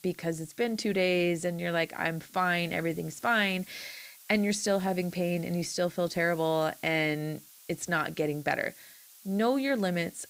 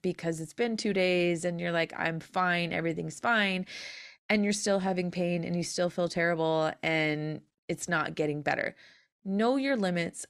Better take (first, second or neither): second